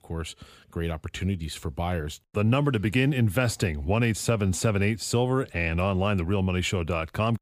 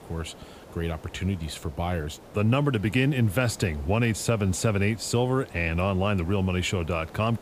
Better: first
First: none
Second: hiss; faint; throughout; 20 dB below the speech

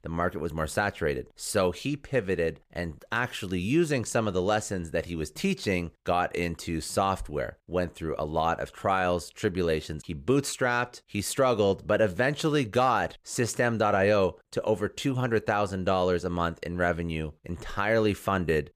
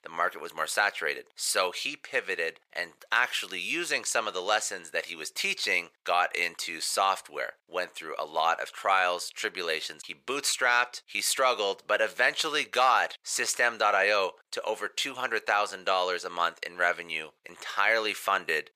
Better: first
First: none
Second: thin; very; fading below 850 Hz

